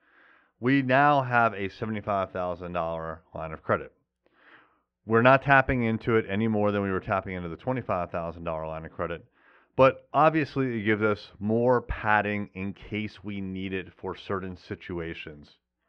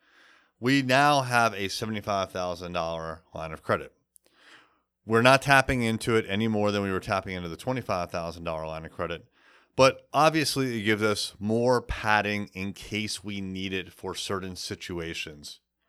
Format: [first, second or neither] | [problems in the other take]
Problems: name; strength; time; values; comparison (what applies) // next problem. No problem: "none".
second | muffled; very; fading above 2 kHz